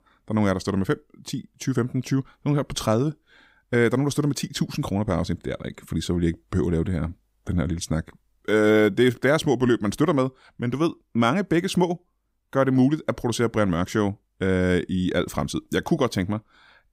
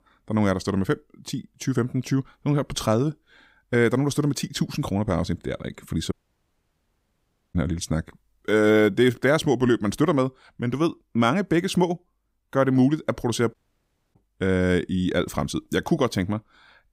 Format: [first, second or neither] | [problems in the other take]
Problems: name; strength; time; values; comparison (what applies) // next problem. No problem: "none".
first | audio cutting out; at 6 s for 1.5 s and at 14 s for 0.5 s